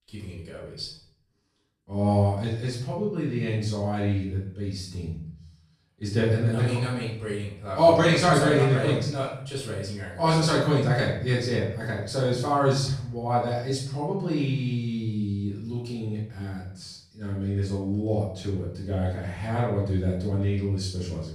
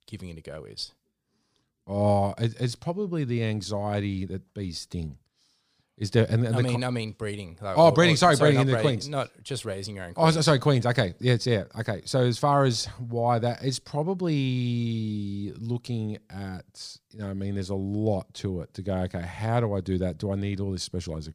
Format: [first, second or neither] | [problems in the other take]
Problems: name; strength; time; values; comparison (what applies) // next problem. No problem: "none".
second | off-mic speech; far // room echo; noticeable; dies away in 0.6 s